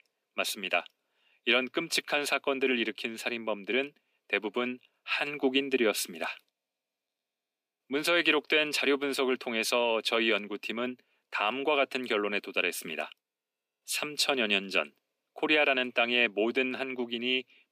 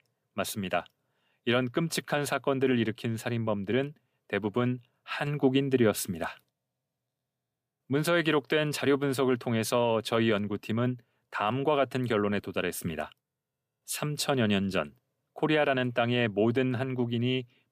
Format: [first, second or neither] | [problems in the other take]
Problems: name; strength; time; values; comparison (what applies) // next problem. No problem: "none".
second | thin; very slightly; fading below 250 Hz